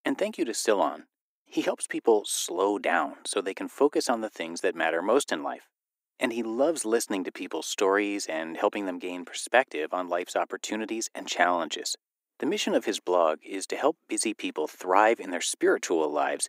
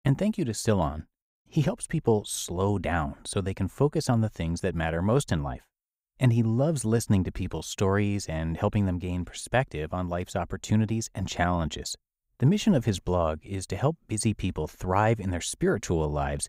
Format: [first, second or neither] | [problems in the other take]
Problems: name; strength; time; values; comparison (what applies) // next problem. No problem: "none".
second | thin; somewhat; fading below 300 Hz